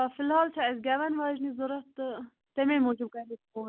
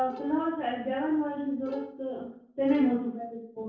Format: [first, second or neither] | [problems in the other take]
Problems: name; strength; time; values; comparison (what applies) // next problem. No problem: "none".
first | noise reduction (neural separator model SepFormer DNS4)